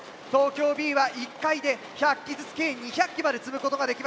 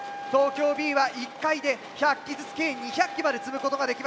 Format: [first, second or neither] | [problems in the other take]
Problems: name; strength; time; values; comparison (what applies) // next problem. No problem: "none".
first | background sound (Wind instrument, woodwind instrument); 13 dB below the speech